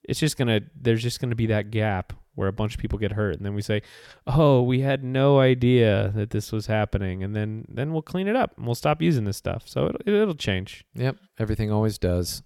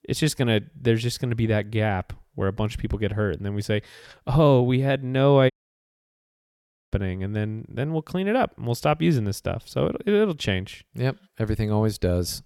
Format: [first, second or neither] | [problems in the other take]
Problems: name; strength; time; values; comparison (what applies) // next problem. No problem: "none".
first | audio cutting out; at 5.5 s for 1.5 s